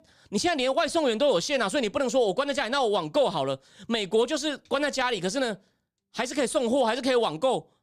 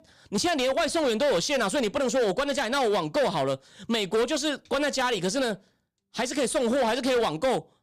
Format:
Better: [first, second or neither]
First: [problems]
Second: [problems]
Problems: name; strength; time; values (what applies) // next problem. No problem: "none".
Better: first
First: none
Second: distortion; slight; 14% of the sound clipped